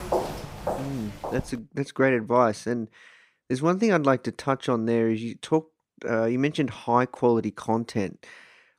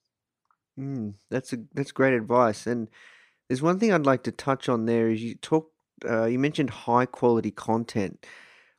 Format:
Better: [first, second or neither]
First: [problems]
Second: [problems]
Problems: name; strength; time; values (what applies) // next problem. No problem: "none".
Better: second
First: footsteps; noticeable; until 1.5 s; peak 3 dB below the speech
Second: none